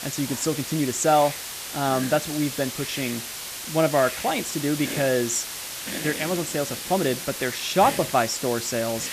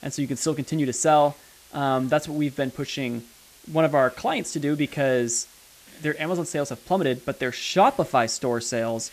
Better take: second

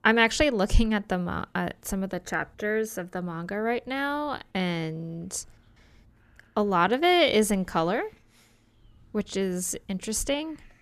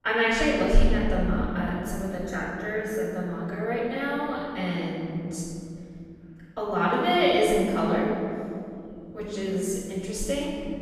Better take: first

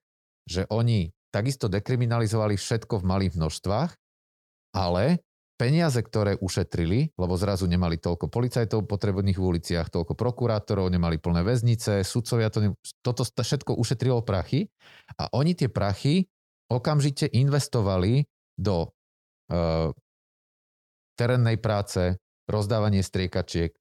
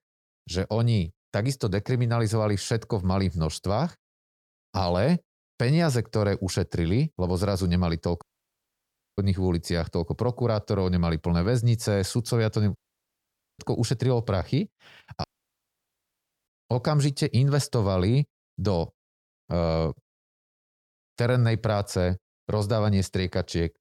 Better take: first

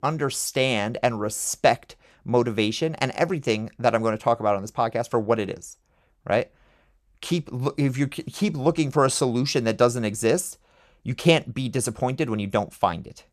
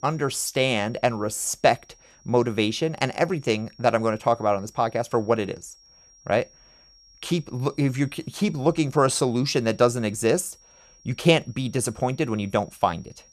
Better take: first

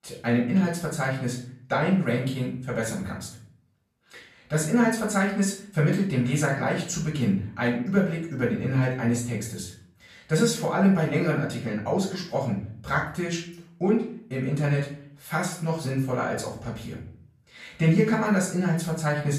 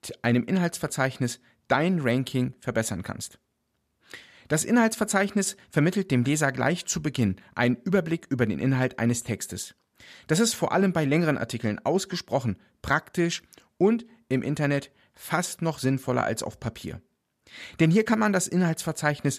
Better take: second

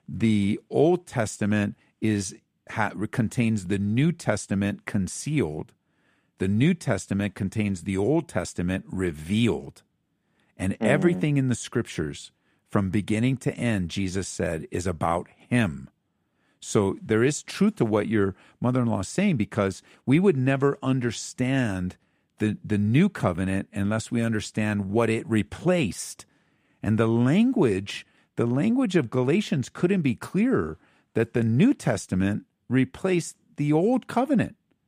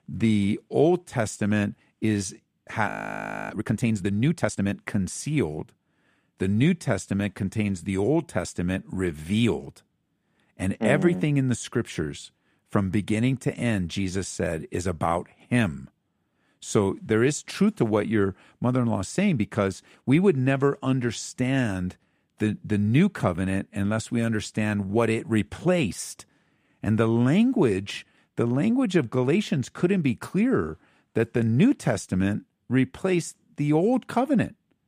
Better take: first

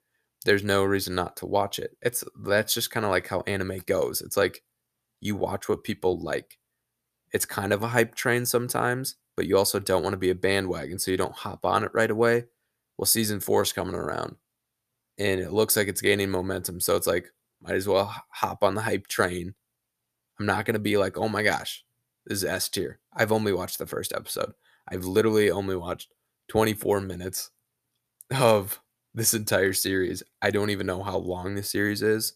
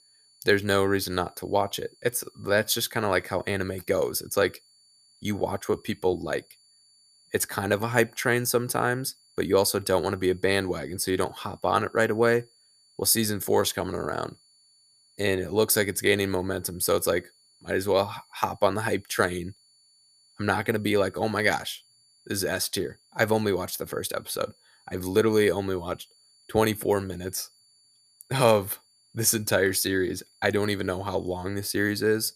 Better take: first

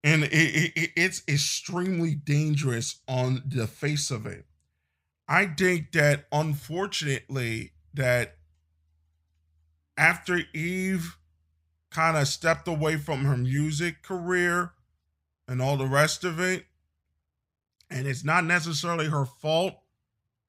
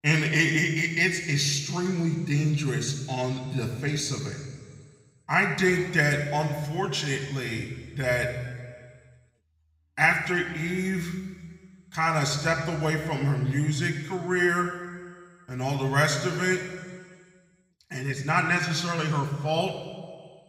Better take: first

